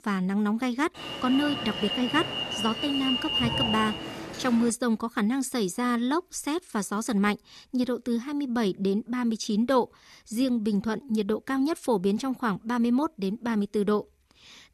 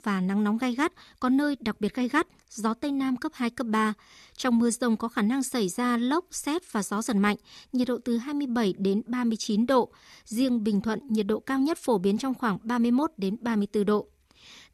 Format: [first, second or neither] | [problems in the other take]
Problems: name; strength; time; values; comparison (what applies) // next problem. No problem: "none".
second | alarm; loud; from 1 to 4.5 s; peak 3 dB above the speech